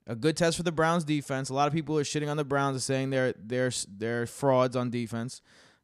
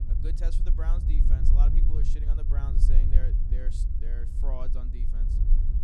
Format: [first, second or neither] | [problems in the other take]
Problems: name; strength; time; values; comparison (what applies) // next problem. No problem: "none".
first | low rumble; loud; throughout; 1 dB below the speech